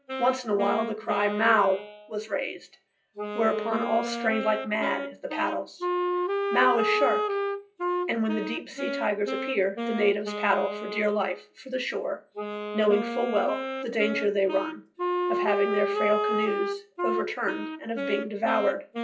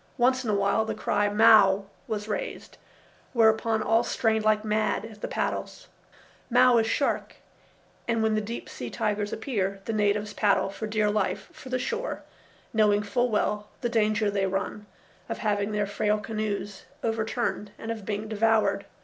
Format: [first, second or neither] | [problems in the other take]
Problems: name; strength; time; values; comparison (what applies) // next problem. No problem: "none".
second | noise reduction (classical method WPE with log-MMSE)